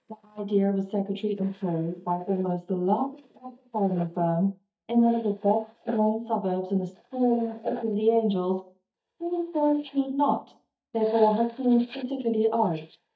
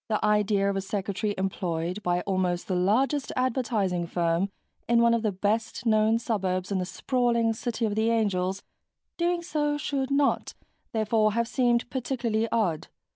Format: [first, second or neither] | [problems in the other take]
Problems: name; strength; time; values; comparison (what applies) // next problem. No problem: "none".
second | noise reduction (neural mask model DeepFilterNet 3)